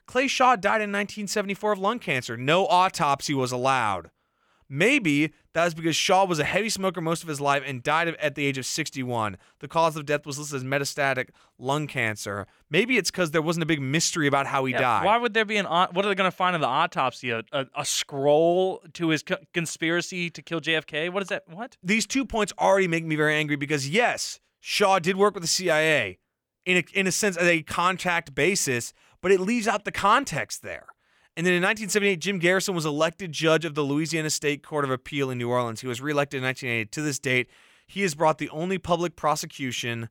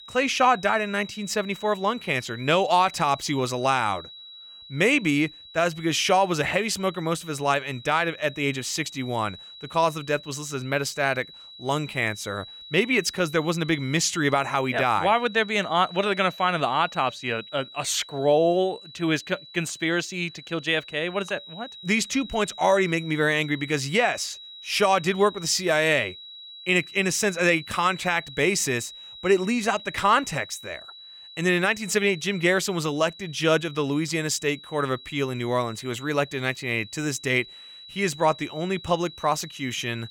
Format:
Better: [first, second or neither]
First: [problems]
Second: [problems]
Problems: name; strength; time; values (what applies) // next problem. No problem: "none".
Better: first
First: none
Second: high-pitched whine; noticeable; throughout; 4 kHz, 15 dB below the speech